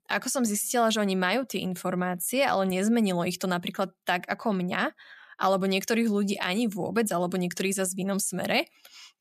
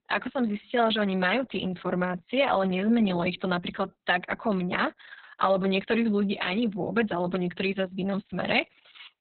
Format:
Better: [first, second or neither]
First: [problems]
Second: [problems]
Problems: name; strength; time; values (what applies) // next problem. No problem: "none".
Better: first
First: none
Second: garbled, watery; badly; nothing above 4 kHz